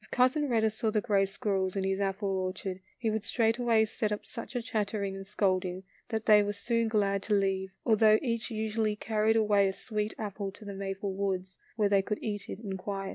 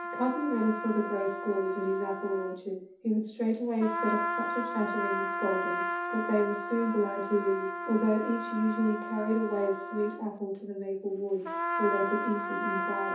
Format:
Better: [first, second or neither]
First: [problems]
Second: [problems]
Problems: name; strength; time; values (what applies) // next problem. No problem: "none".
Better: first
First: none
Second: background sound (Trumpet); 4 dB below the speech // room echo; dies away in 0.5 s